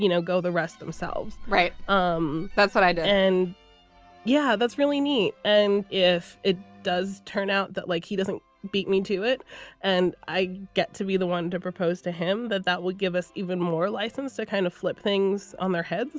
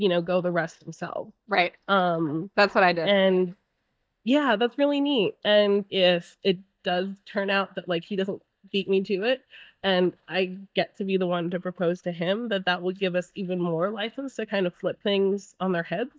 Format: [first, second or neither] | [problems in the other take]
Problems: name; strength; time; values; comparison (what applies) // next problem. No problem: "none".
first | noise reduction (neural mask model DeepFilterNet 3)